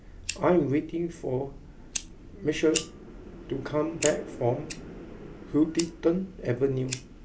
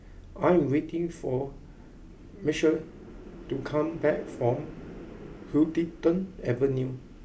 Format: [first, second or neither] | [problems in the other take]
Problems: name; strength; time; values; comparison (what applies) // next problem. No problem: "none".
second | background sound (Fire); 12 dB below the speech